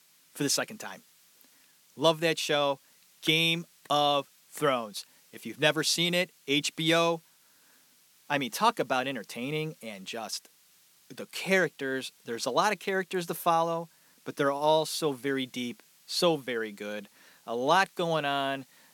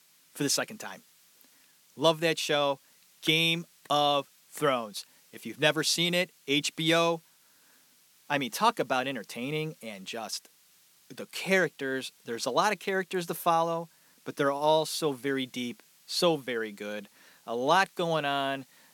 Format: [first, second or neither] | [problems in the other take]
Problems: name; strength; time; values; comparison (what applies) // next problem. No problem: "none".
neither | hiss; faint; throughout; 30 dB below the speech; the same in both